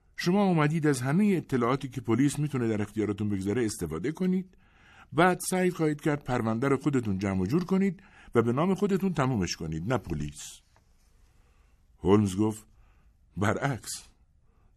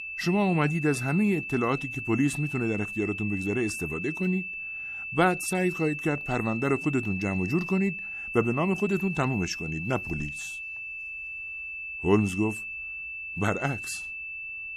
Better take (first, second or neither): first